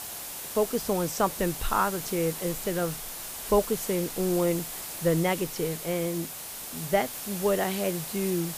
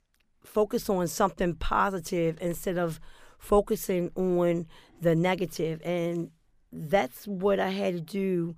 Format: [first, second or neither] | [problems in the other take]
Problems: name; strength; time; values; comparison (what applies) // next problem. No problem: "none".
second | hiss; loud; throughout; 6 dB below the speech